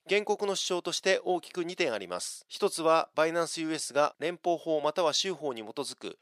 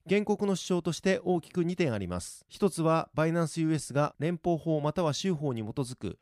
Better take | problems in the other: second | thin; very; fading below 500 Hz

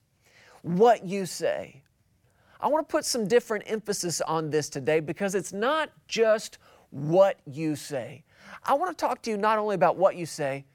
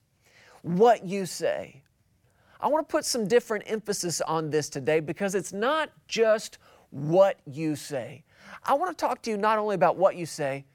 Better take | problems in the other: neither | none

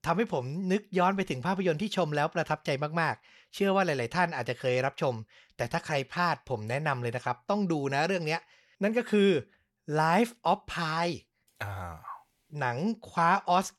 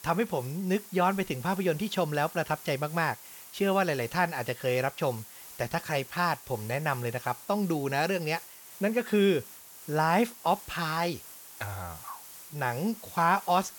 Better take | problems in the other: first | hiss; noticeable; throughout; 15 dB below the speech

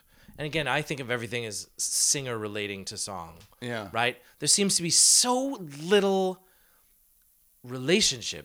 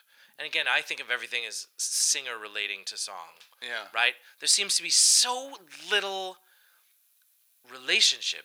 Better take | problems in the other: first | thin; very; fading below 700 Hz

